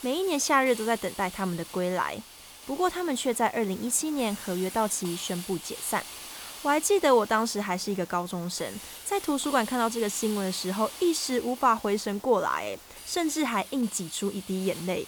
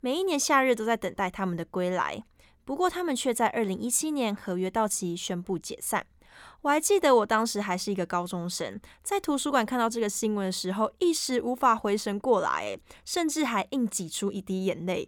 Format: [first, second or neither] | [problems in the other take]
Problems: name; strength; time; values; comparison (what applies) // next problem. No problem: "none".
second | hiss; noticeable; throughout; 15 dB below the speech